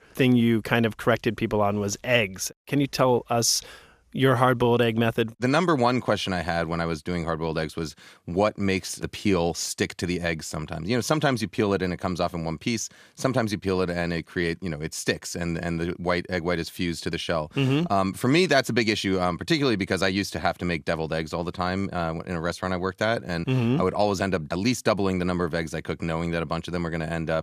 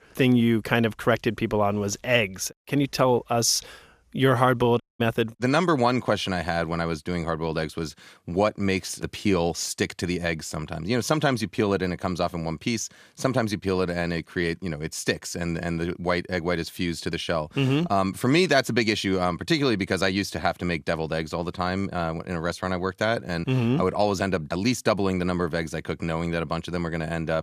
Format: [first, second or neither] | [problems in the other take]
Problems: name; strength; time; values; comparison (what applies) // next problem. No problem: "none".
first | audio cutting out; at 5 s